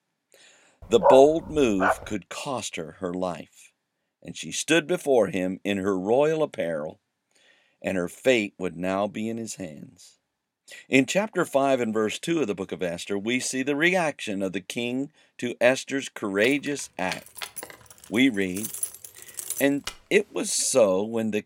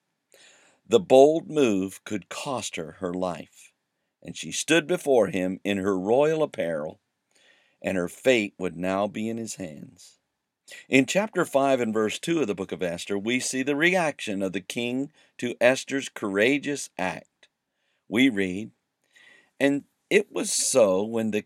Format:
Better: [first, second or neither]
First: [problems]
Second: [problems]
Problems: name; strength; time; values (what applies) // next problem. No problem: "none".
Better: second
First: dog barking; loud; at 1 s; peak 3 dB above the speech // jangling keys; noticeable; from 16 to 20 s; peak 5 dB below the speech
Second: none